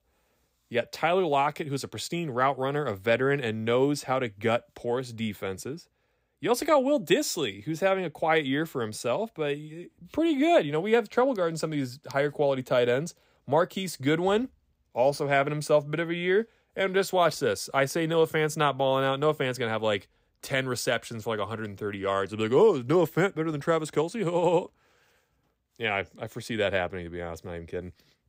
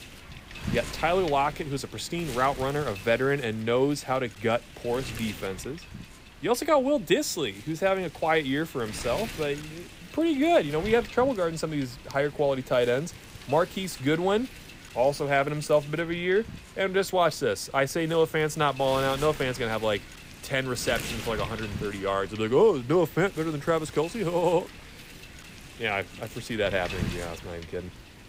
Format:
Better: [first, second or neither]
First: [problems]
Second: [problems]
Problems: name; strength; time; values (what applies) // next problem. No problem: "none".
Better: first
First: none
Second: wind noise on the microphone; occasional gusts; 15 dB below the speech